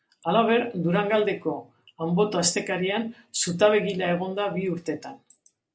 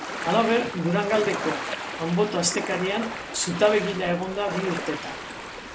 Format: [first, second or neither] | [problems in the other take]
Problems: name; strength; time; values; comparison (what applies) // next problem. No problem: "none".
first | background sound (Ocean); 7 dB below the speech